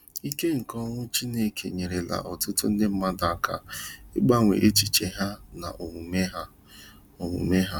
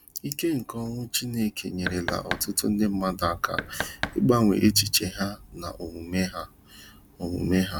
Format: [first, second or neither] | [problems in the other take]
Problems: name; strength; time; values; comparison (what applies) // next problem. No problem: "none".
first | background sound (Knock); 8 dB below the speech